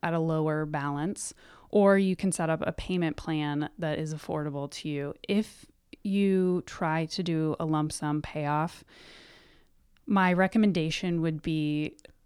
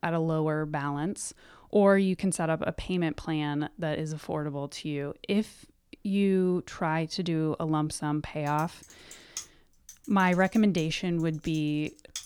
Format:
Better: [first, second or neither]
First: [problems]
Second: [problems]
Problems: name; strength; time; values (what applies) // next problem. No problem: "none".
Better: first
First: none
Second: keyboard typing; faint; from 8.5 s on; peak 10 dB below the speech